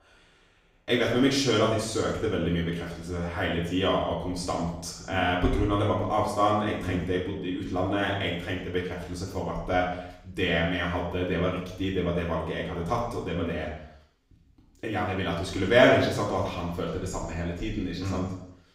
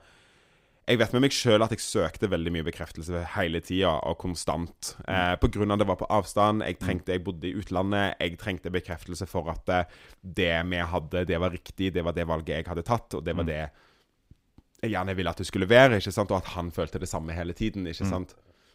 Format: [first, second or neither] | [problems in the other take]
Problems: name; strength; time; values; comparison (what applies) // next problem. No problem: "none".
second | room echo; noticeable; dies away in 0.7 s // off-mic speech; far